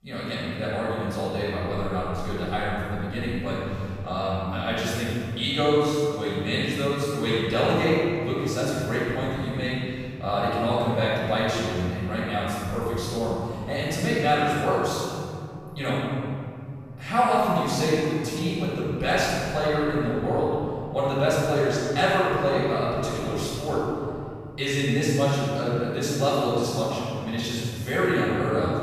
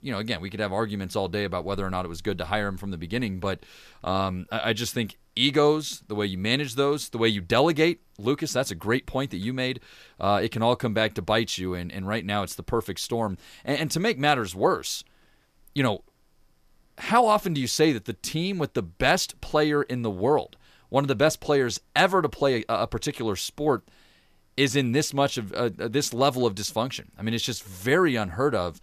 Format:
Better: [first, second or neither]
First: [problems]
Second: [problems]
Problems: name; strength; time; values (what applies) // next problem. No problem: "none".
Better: second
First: off-mic speech; far // room echo; strong; dies away in 3 s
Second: none